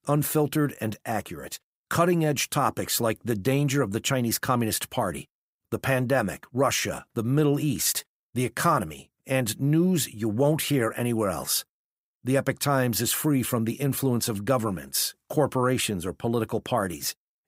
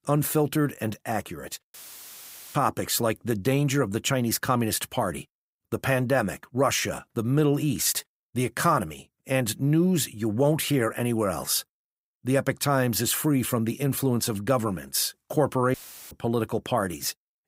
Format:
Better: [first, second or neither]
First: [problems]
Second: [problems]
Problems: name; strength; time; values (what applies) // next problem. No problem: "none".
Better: first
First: none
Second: audio cutting out; filled with static; at 1.5 s for 1 s and at 16 s